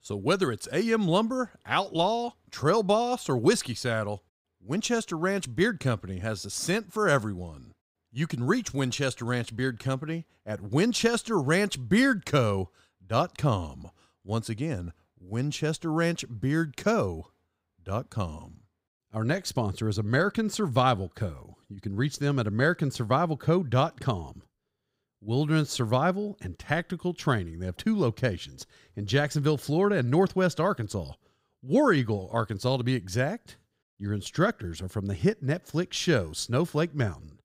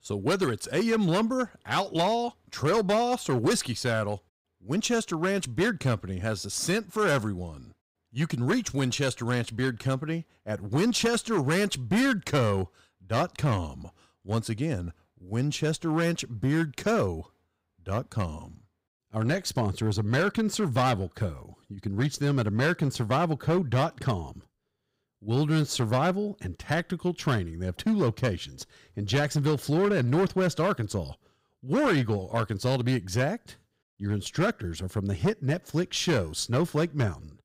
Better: first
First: none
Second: distortion; slight; 7% of the sound clipped

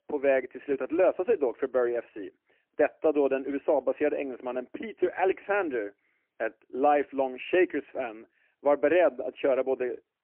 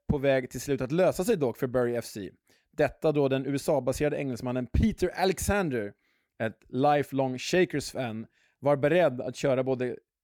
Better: second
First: phone-call audio; poor line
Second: none

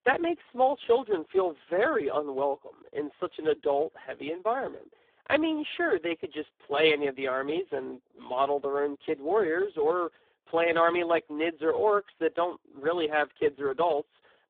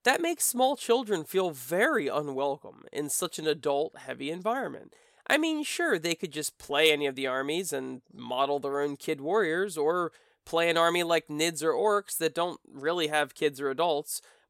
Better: second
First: phone-call audio; poor line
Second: none

